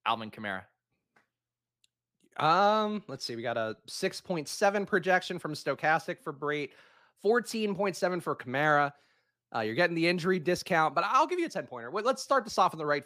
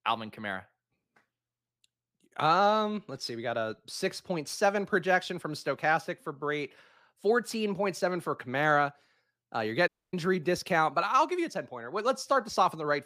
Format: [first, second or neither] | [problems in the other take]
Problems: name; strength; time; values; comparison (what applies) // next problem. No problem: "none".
first | audio cutting out; at 10 s